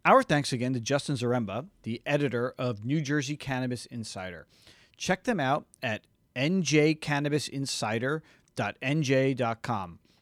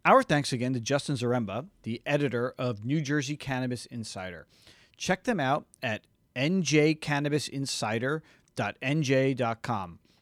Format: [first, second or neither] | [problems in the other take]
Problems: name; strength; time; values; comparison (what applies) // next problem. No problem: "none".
neither | none